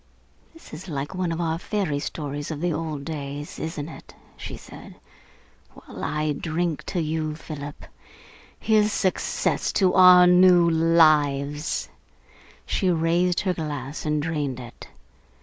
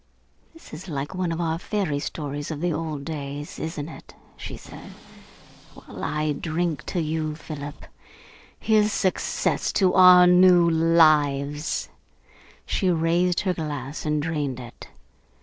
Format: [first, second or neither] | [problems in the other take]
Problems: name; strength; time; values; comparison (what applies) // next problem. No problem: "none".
first | noise reduction (neural separator model SepFormer DNS4)